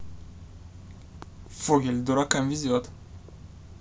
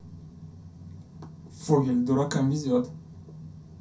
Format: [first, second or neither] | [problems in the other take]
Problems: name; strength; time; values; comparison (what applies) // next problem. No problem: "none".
first | room echo; dies away in 0.3 s